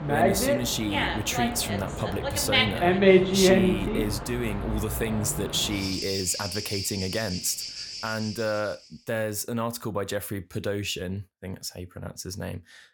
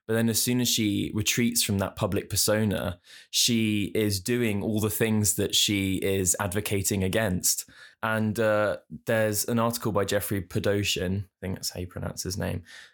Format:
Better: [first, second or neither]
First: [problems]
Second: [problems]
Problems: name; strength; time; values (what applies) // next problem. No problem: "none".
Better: second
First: animal sounds; very loud; until 8.5 s; 3 dB above the speech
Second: none